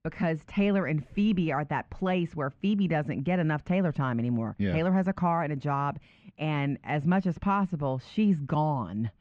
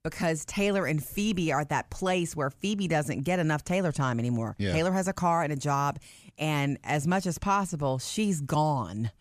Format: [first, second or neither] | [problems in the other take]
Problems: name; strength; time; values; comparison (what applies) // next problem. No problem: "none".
second | muffled; very; fading above 3 kHz